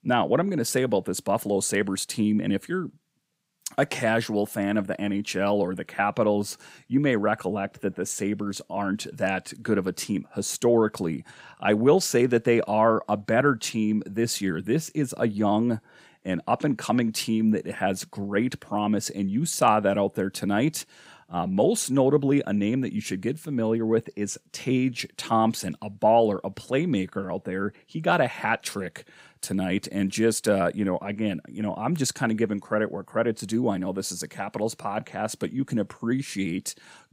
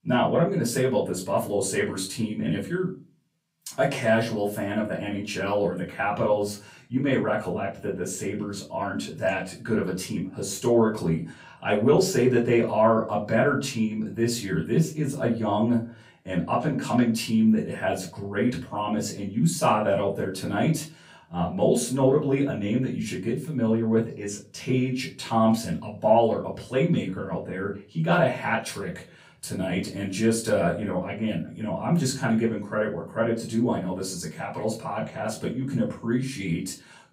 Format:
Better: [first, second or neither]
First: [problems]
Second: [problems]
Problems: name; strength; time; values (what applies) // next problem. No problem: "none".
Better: first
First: none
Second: room echo; slight; dies away in 0.3 s // off-mic speech; far